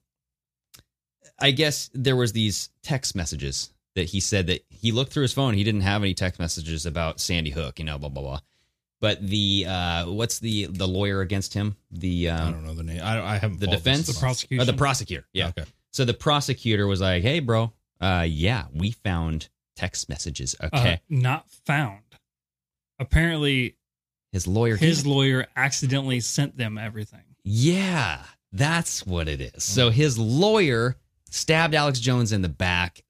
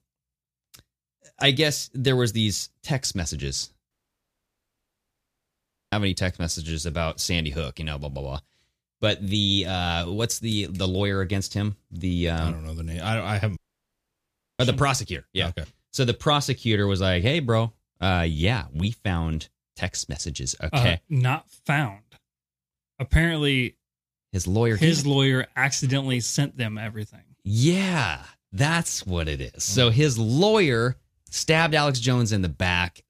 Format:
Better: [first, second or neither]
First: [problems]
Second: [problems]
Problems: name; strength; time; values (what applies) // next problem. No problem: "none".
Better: first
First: none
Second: audio cutting out; at 4 s for 2 s and at 14 s for 1 s